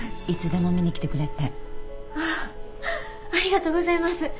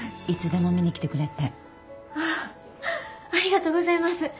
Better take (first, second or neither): second